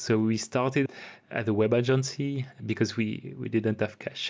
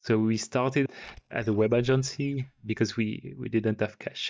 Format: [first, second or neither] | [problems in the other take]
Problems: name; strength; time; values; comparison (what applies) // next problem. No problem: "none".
first | noise reduction (neural mask model DeepFilterNet 3)